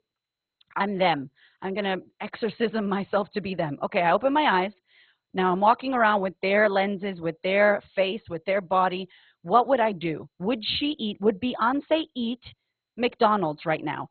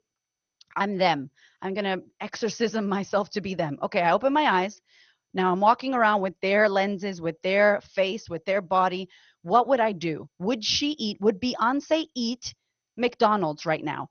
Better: second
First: garbled, watery; badly; nothing above 4 kHz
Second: garbled, watery; slightly; nothing above 6 kHz

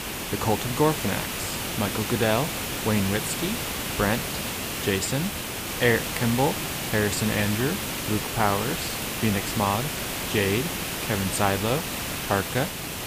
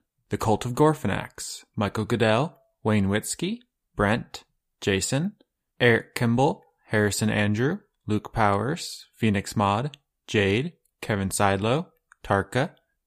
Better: second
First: hiss; loud; throughout; 2 dB below the speech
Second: none

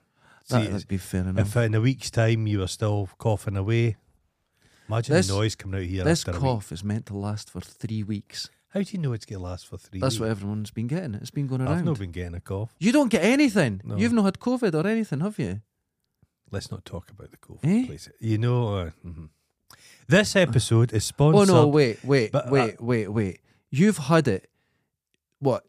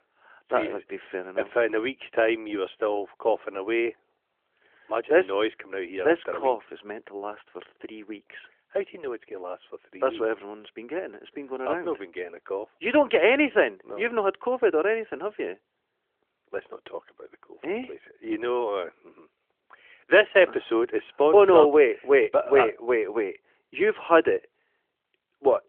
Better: first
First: none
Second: phone-call audio; nothing above 3 kHz

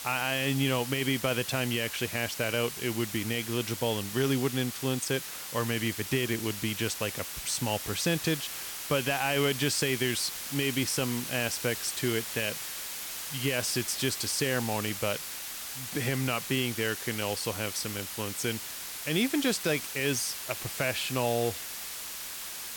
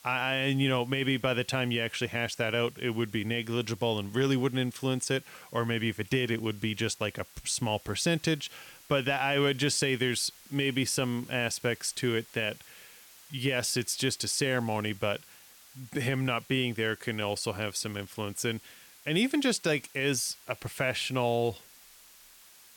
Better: second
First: hiss; loud; throughout; 6 dB below the speech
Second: hiss; faint; throughout; 20 dB below the speech

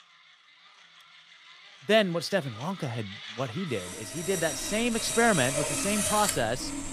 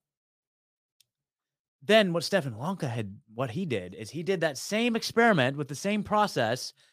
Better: second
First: machinery noise; loud; throughout; 3 dB below the speech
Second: none

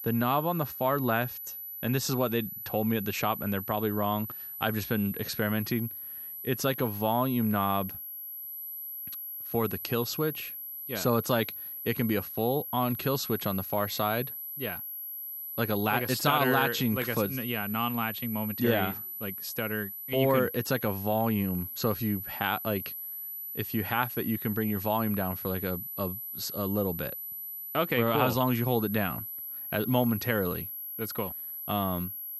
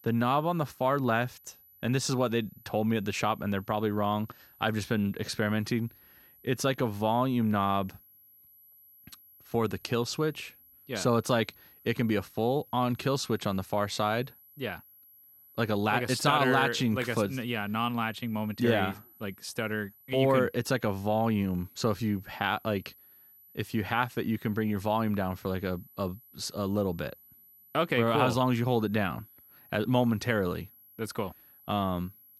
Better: second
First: high-pitched whine; loud; throughout; 12 kHz, 6 dB below the speech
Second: high-pitched whine; faint; throughout; 12 kHz, 25 dB below the speech

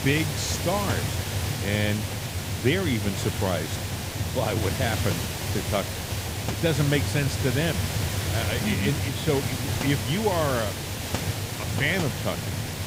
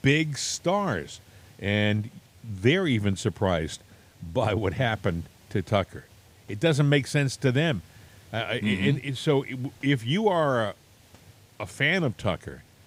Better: second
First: hiss; loud; throughout; 1 dB below the speech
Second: hiss; faint; throughout; 25 dB below the speech

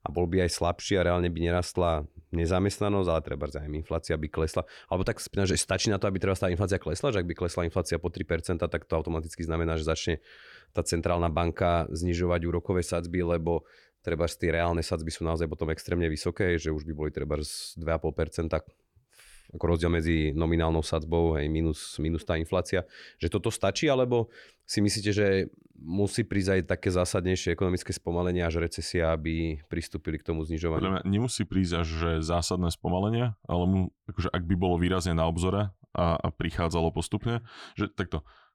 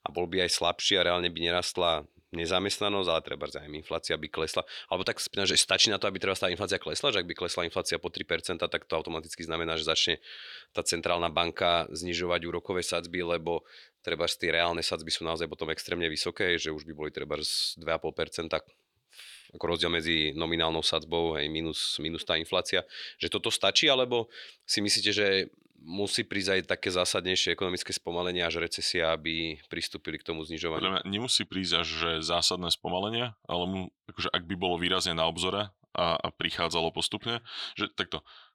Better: first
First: none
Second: thin; somewhat; fading below 550 Hz

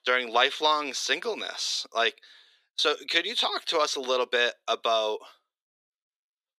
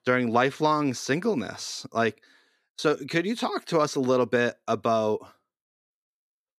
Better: second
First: thin; very; fading below 450 Hz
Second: none

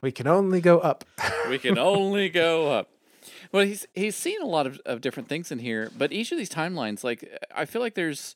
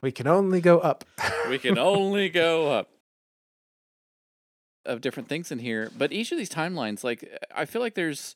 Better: first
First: none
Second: audio cutting out; at 3 s for 2 s

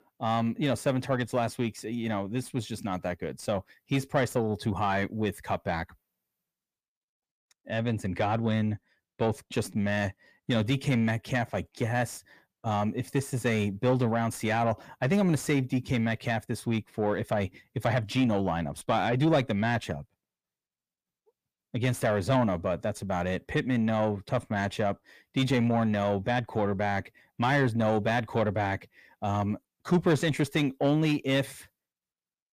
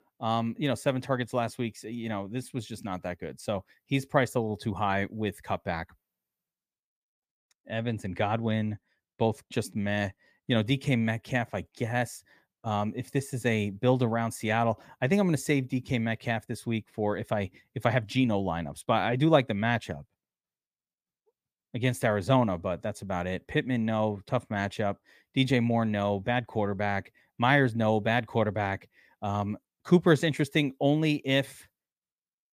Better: second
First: distortion; slight; 10 dB below the speech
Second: none

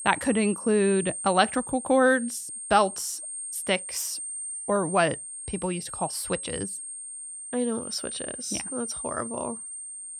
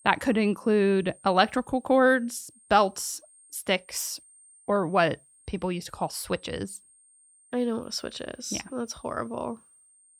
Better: second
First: high-pitched whine; loud; throughout; 8.5 kHz, 7 dB below the speech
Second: high-pitched whine; faint; throughout; 8.5 kHz, 30 dB below the speech

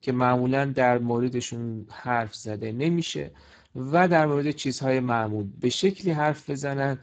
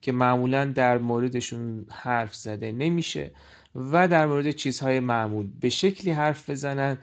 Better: second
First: garbled, watery; badly; nothing above 7.5 kHz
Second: garbled, watery; slightly; nothing above 7.5 kHz

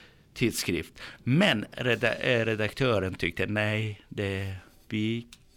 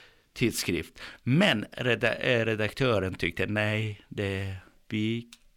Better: second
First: background music; faint; throughout; 30 dB below the speech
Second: none

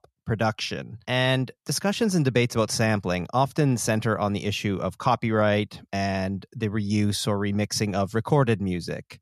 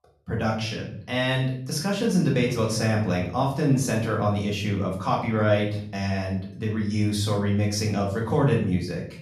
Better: first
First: none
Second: room echo; noticeable; dies away in 0.5 s // off-mic speech; far

